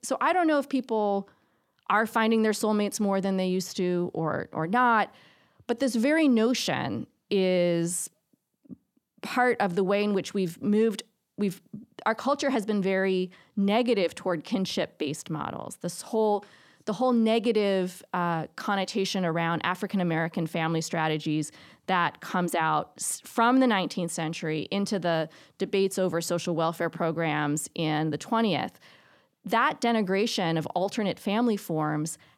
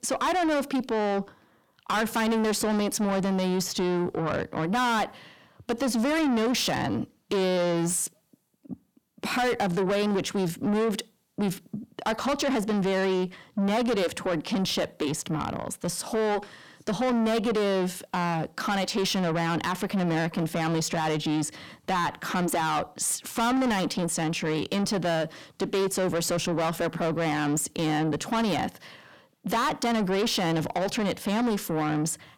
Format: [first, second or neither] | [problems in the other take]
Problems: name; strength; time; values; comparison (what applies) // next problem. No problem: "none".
first | distortion; heavy; 7 dB below the speech